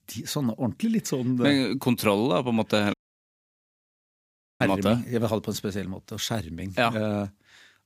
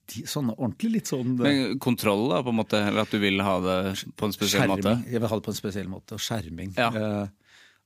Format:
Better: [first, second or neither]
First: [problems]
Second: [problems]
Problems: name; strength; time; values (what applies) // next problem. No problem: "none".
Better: second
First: audio cutting out; at 3 s for 1.5 s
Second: none